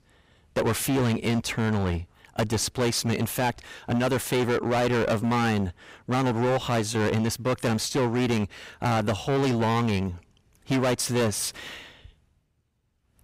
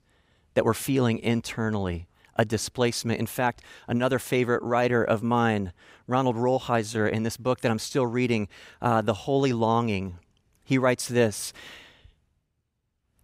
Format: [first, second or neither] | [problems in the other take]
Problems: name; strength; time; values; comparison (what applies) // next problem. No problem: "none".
second | distortion; heavy; 19% of the sound clipped